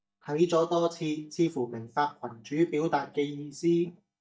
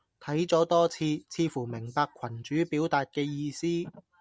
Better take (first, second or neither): second